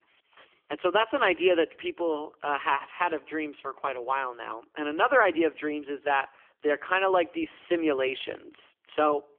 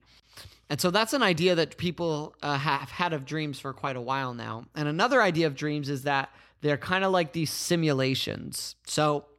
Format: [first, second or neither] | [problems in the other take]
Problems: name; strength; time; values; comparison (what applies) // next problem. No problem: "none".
second | phone-call audio; poor line; nothing above 3 kHz